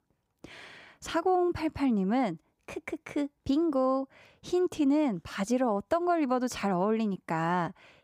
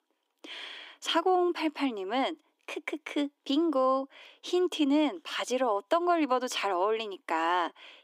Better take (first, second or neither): first